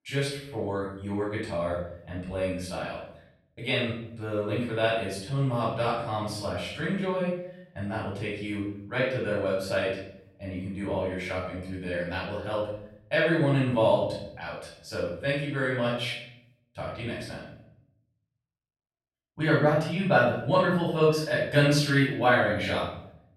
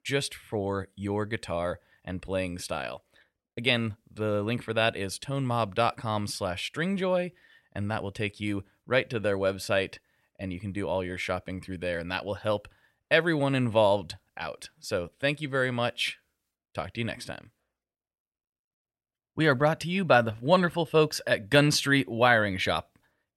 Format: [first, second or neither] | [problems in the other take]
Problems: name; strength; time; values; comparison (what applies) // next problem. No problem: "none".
second | off-mic speech; far // room echo; noticeable; dies away in 0.7 s